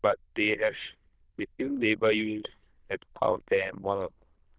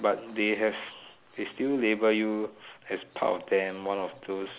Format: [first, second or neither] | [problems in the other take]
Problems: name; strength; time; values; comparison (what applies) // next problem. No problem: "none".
second | noise reduction (neural diffusion model UNIVERSE++)